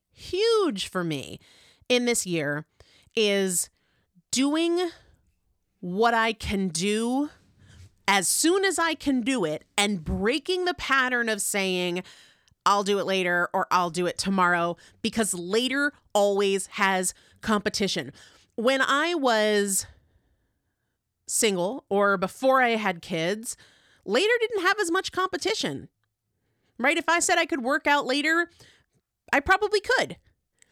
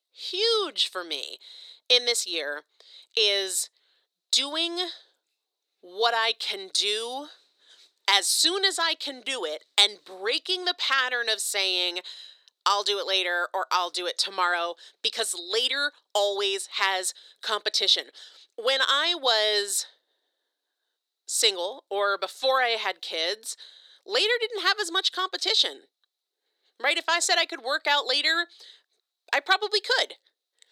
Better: first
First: none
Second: thin; very; fading below 400 Hz

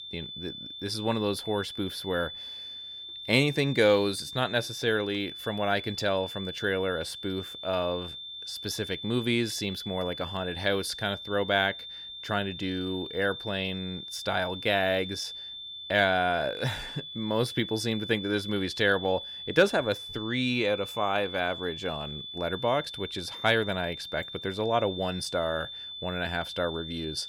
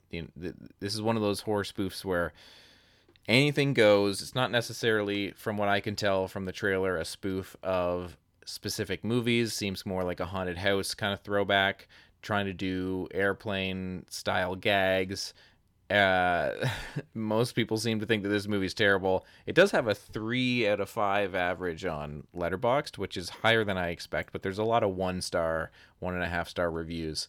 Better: second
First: high-pitched whine; loud; throughout; 3.5 kHz, 9 dB below the speech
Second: none

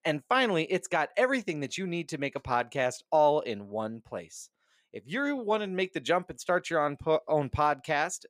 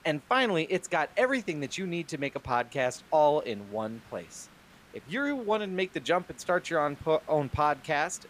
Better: first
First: none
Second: hiss; faint; throughout; 25 dB below the speech

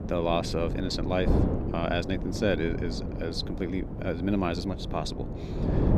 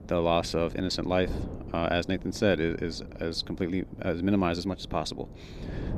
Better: second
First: wind noise on the microphone; heavy; 7 dB below the speech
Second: wind noise on the microphone; occasional gusts; 20 dB below the speech

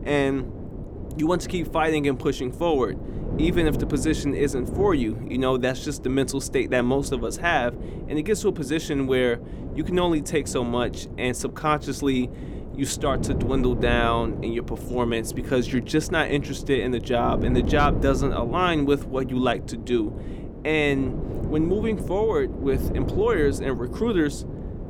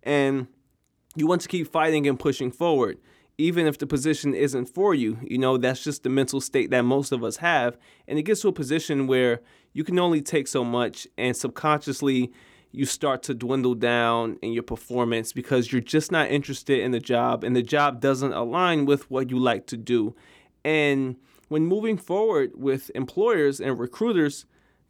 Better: second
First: wind noise on the microphone; occasional gusts; 15 dB below the speech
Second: none

